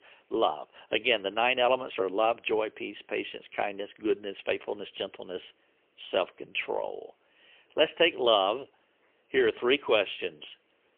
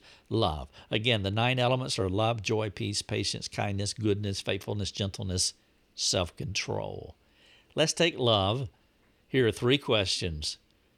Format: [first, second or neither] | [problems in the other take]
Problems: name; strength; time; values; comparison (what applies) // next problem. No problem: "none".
second | phone-call audio; poor line; nothing above 3.5 kHz